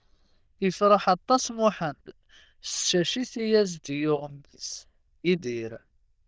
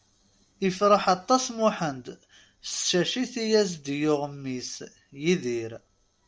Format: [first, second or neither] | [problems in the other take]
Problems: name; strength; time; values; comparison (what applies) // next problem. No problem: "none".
second | noise reduction (neural diffusion model UNIVERSE++)